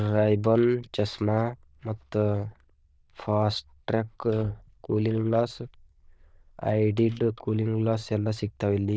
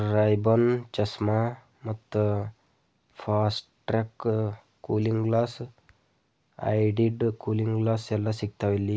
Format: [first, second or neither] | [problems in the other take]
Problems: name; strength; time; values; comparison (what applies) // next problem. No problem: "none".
second | noise reduction (neural diffusion model UNIVERSE++)